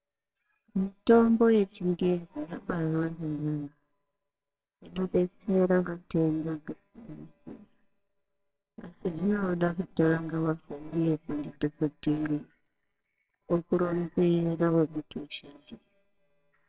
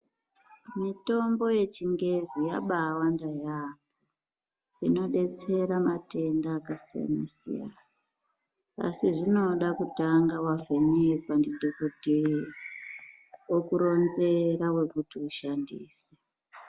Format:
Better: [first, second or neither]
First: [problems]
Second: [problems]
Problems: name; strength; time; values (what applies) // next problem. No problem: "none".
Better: second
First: noise reduction (neural separator model SepFormer WHAMR!)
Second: none